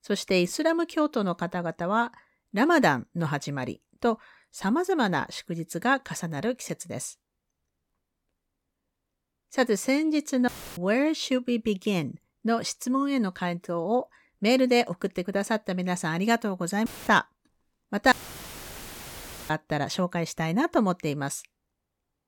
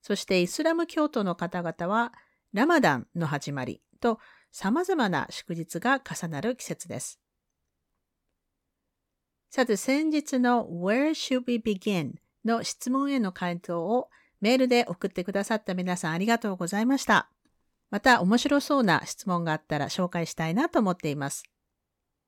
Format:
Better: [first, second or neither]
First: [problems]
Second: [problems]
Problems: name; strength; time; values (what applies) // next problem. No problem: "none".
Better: second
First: audio cutting out; filled with static; at 10 s, at 17 s and at 18 s for 1.5 s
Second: none